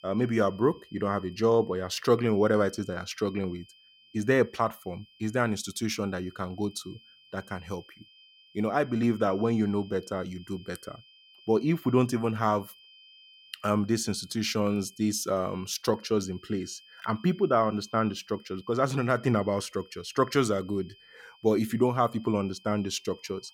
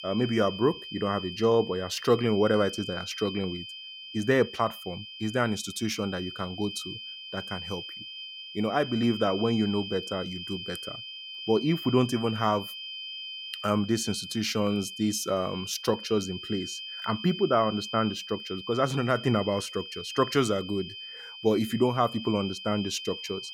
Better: first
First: high-pitched whine; faint; throughout; 3 kHz, 25 dB below the speech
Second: high-pitched whine; loud; throughout; 3 kHz, 10 dB below the speech

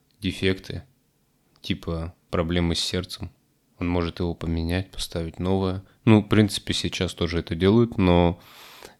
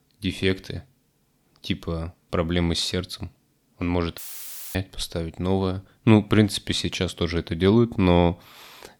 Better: first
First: none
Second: audio cutting out; filled with static; at 4 s for 0.5 s

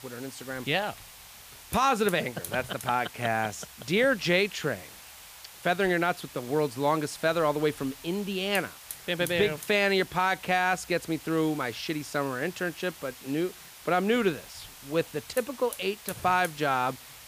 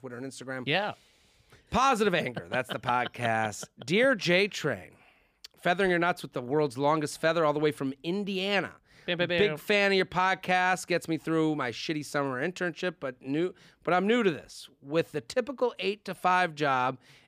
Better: second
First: hiss; noticeable; throughout; 15 dB below the speech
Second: none

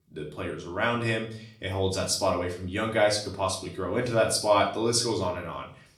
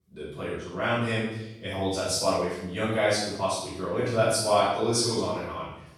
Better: first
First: room echo; slight; dies away in 0.5 s // off-mic speech; far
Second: room echo; strong; dies away in 0.8 s // off-mic speech; far

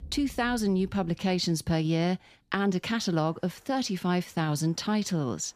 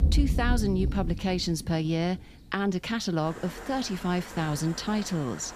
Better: first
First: rain or running water; faint; throughout; 25 dB below the speech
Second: rain or running water; loud; throughout; 5 dB below the speech

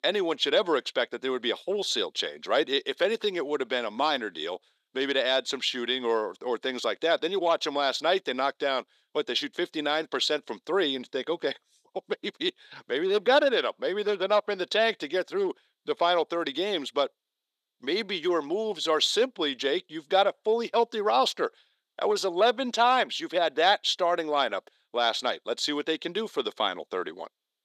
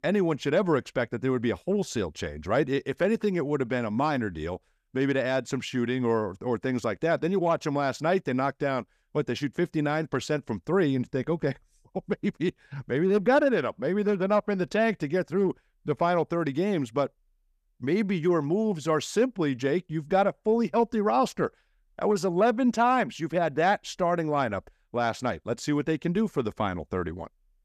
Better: second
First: thin; somewhat; fading below 350 Hz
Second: none

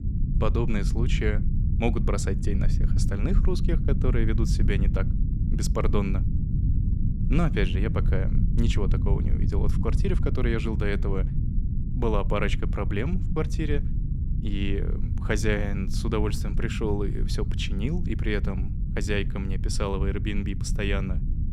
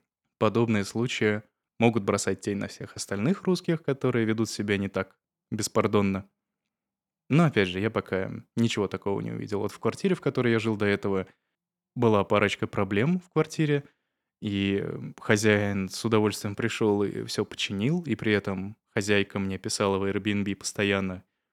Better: second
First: low rumble; loud; throughout; 8 dB below the speech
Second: none

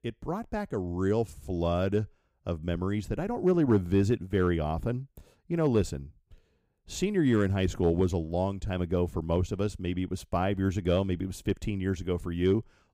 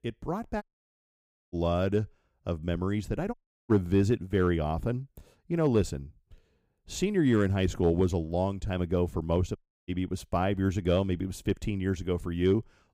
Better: first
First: none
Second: audio cutting out; at 0.5 s for 1 s, at 3.5 s and at 9.5 s

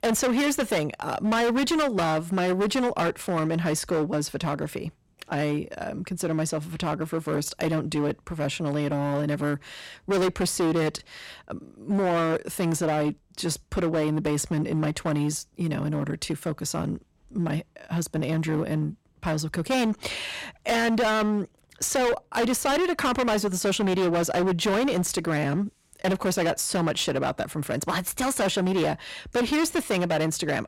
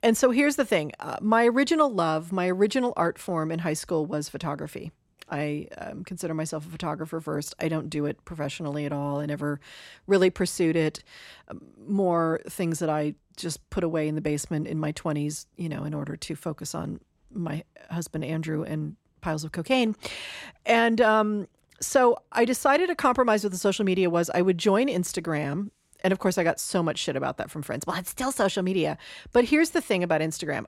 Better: second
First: distortion; heavy; 18% of the sound clipped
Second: none

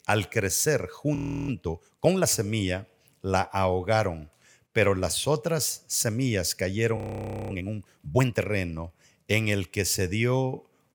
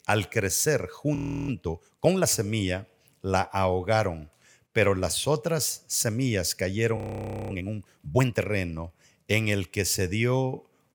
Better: neither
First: audio freezing; at 1 s and at 7 s for 0.5 s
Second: audio freezing; at 1 s and at 7 s for 0.5 s

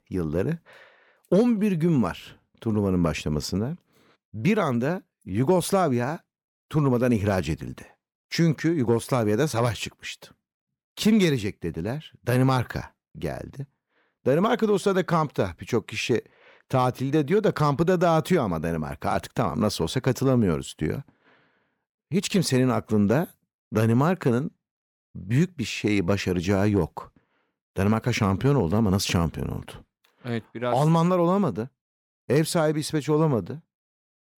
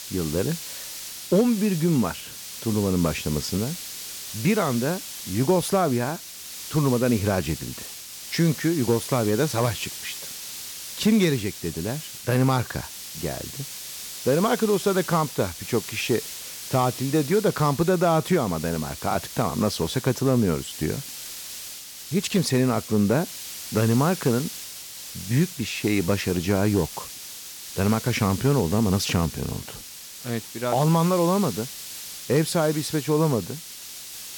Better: first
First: none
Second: hiss; noticeable; throughout; 10 dB below the speech

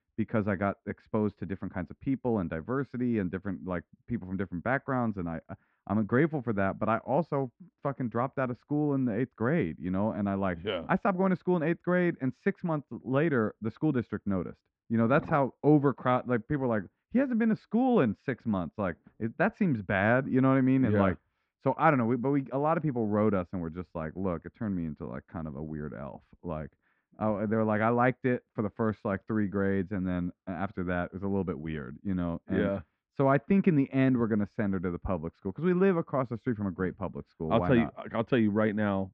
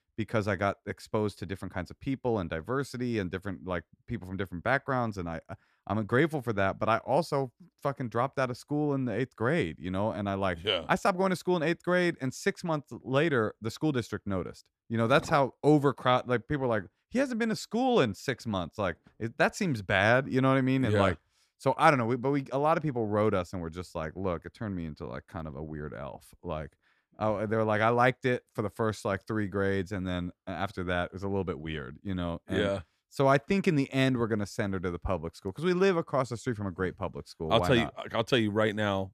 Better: second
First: muffled; very; fading above 2.5 kHz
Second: none

